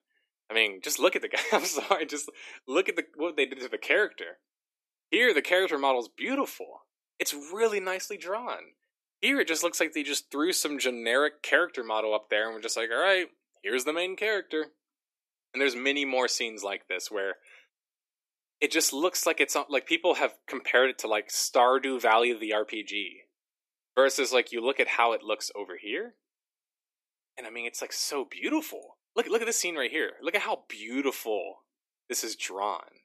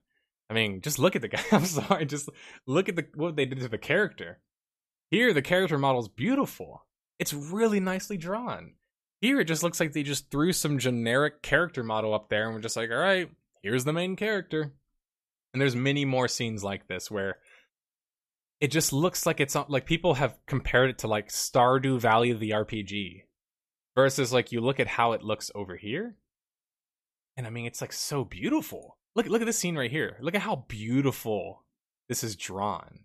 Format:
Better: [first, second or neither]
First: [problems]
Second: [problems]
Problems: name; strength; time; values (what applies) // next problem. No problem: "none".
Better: second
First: thin; somewhat; fading below 300 Hz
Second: none